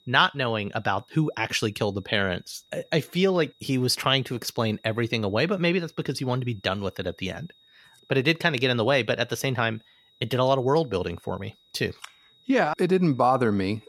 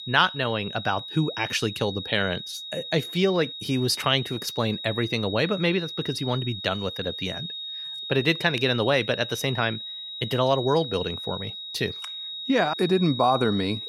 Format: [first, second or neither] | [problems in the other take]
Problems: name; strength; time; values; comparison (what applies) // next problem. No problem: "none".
first | high-pitched whine; loud; throughout; 4 kHz, 8 dB below the speech; faint in the first